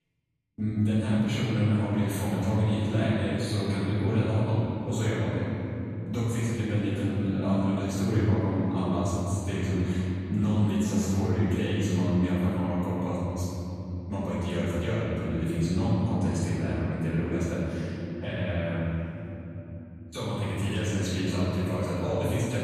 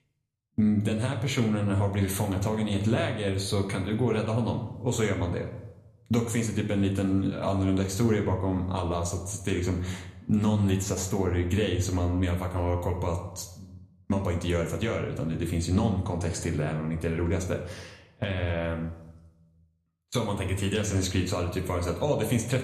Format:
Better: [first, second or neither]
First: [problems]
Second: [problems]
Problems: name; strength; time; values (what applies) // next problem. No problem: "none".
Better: second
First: room echo; strong; dies away in 3 s // off-mic speech; far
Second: room echo; slight; dies away in 0.6 s